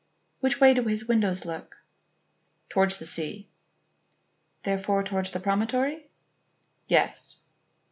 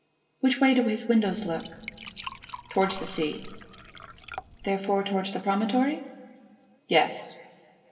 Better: first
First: none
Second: background sound (Liquid); 14 dB below the speech // room echo; dies away in 2.3 s

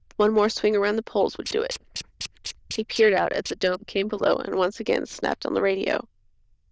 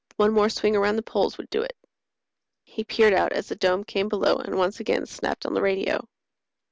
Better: second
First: noise reduction (neural diffusion model UNIVERSE++)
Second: none

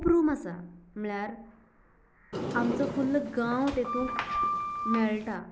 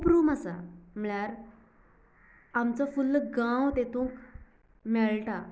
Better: second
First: background sound (Sliding door); 3 dB below the speech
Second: none

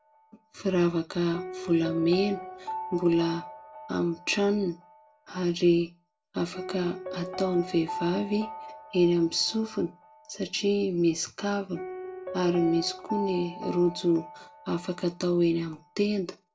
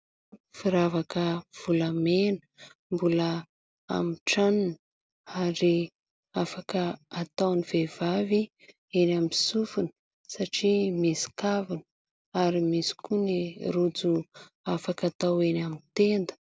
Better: second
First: background sound (Piano); 13 dB below the speech // room echo; dies away in 0.2 s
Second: none

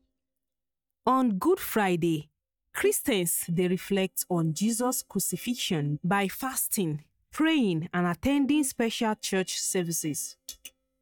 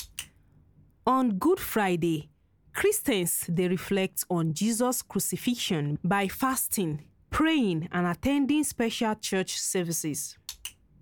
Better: second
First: noise reduction (neural mask model DeepFilterNet 3)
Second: none

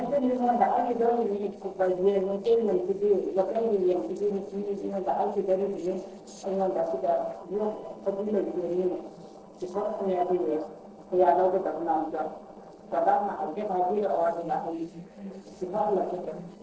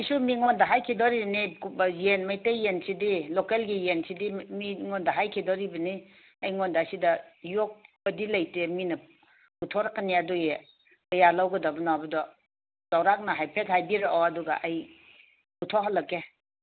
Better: second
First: noise reduction (neural separator model SepFormer DNS4)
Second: none

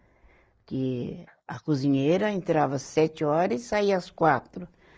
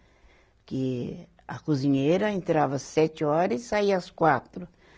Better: second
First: noise reduction (neural mask model Resemble Enhance denoiser)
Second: none

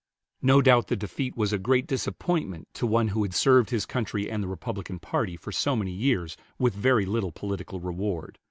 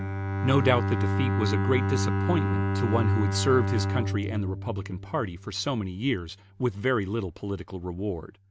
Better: first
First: none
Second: background sound (Bowed string instrument); as loud as the speech

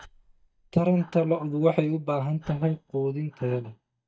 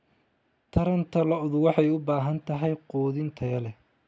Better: second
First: noise reduction (neural mask model DeepFilterNet 3)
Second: none

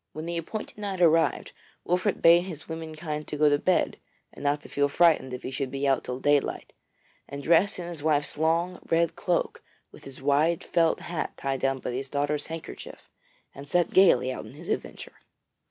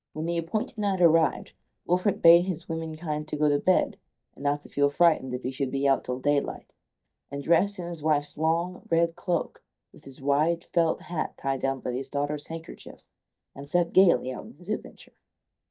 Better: first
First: none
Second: noise reduction (neural mask model DeepFilterNet 3)

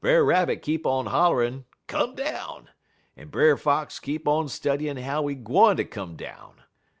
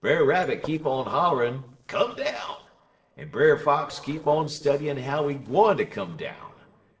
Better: first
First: none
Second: noise reduction (neural separator model SepFormer DNS4)

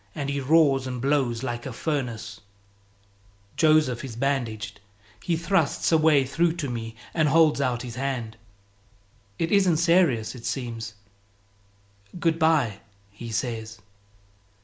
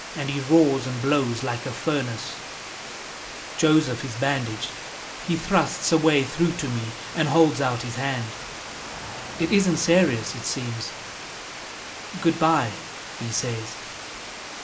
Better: first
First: none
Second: background sound (Water); 11 dB below the speech // room echo; dies away in 0.2 s

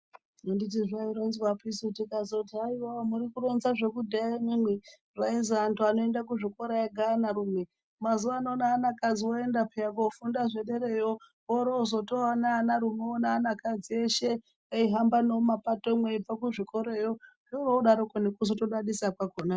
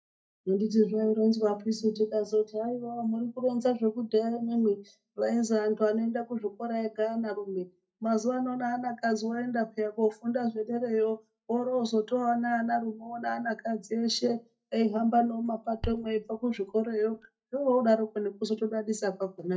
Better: first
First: none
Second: noise reduction (neural mask model DeepFilterNet 3)

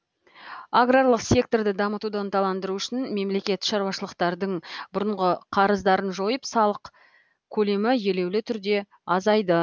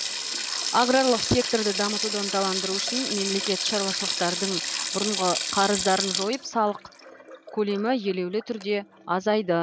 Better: first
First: none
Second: background sound (Sink (filling or washing)); 4 dB below the speech

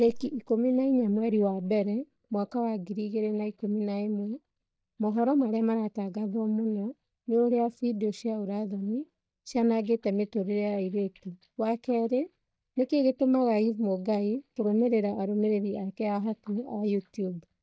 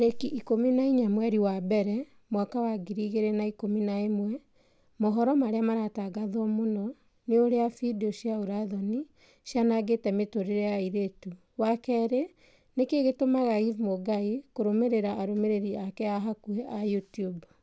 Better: second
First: noise reduction (neural mask model DeepFilterNet 3)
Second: none

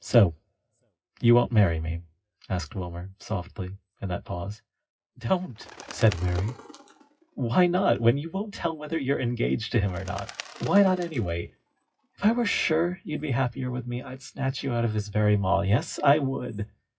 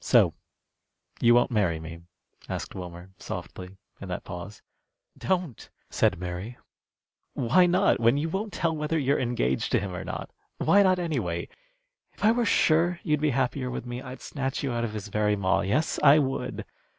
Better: second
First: noise reduction (classical method WPE with log-MMSE)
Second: none

